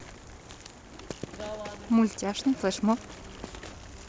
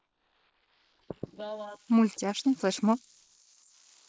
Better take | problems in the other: first | noise reduction (neural mask model Resemble Enhance denoiser)

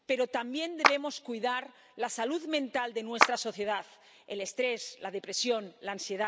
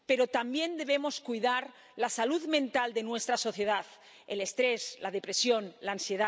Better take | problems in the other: second | background sound (Clapping); 1 dB above the speech

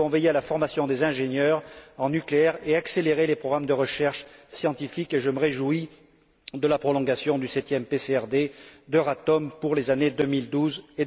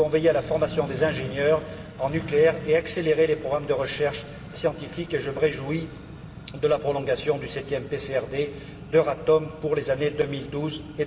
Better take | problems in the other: first | background sound (Accelerating, revving, vroom); 14 dB below the speech // room echo; dies away in 2.7 s

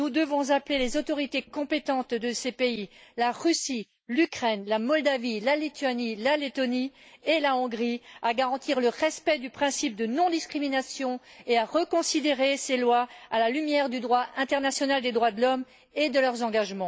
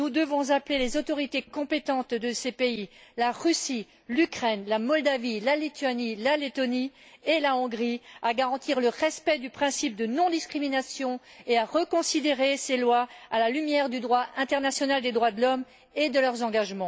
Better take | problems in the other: second | noise reduction (neural mask model Resemble Enhance denoiser)

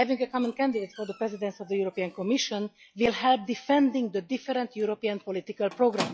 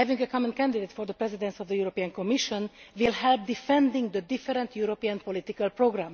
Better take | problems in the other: second | noise reduction (classical method log-MMSE)

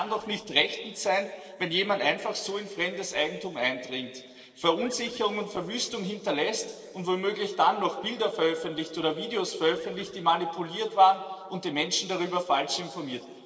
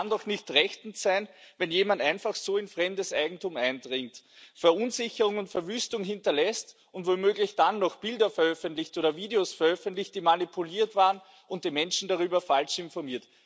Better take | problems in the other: second | noise reduction (neural separator model SepFormer DNS4)

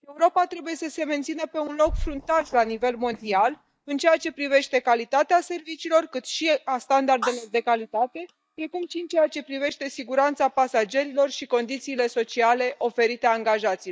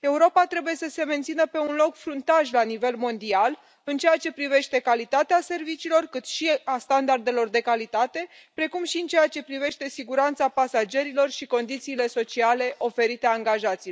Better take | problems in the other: second | noise reduction (neural mask model DeepFilterNet 3)

